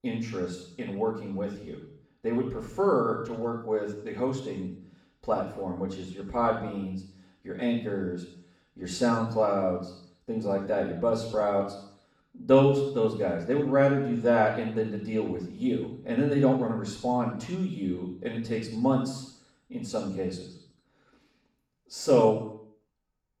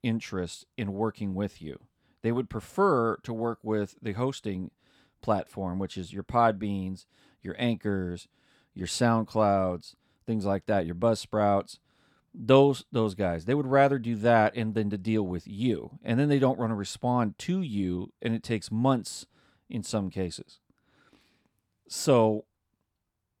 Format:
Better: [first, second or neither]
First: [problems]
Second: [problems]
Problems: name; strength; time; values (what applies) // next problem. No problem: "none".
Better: second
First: room echo; noticeable; dies away in 0.7 s // off-mic speech; far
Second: none